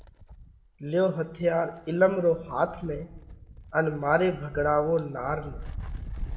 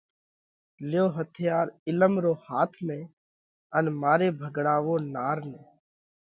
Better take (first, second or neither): second